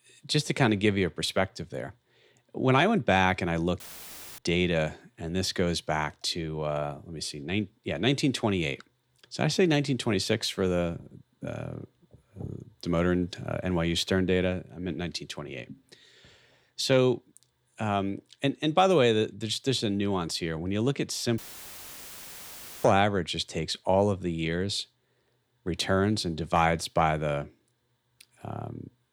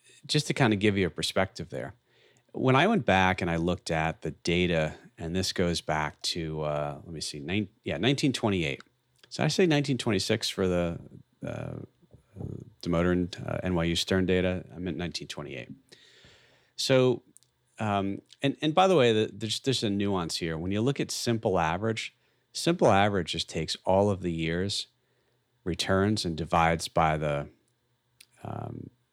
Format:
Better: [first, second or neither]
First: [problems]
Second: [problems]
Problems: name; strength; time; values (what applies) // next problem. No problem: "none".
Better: second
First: audio cutting out; filled with static; at 4 s for 0.5 s and at 21 s for 1.5 s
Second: none